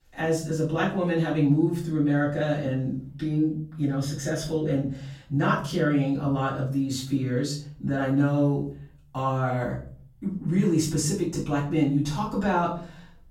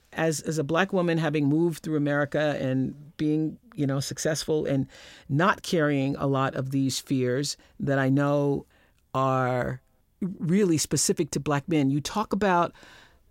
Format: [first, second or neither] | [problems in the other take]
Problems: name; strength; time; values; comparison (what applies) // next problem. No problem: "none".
second | off-mic speech; far // room echo; noticeable; dies away in 0.5 s